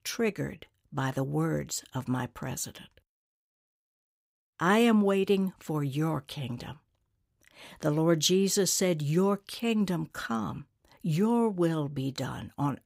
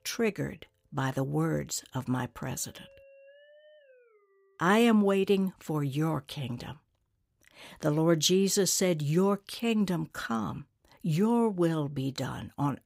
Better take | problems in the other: first | background music; faint; until 4.5 s; 30 dB below the speech

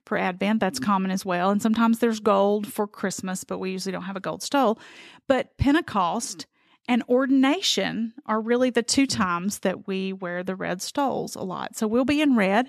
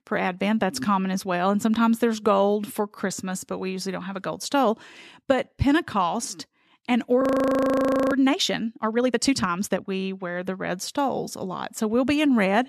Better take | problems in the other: first | audio freezing; at 7 s for 1 s

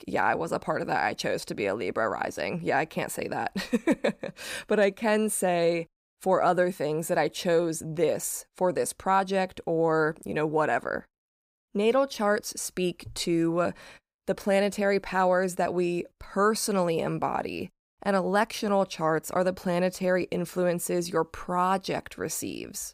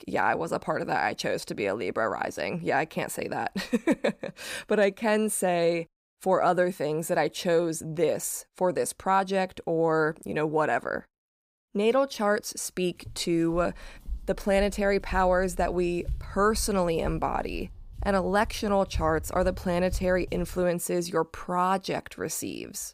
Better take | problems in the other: first | footsteps; noticeable; from 14 to 21 s; peak 9 dB below the speech

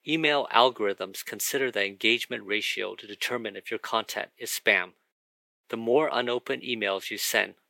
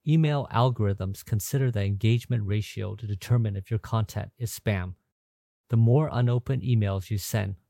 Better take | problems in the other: second | thin; very; fading below 300 Hz

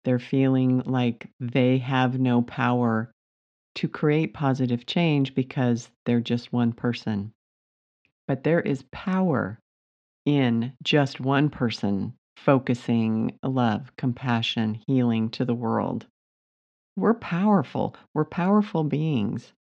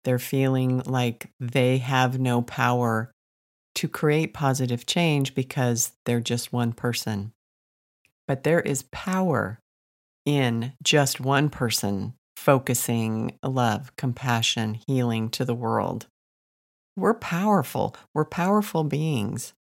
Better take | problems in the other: second | muffled; slightly; fading above 4 kHz

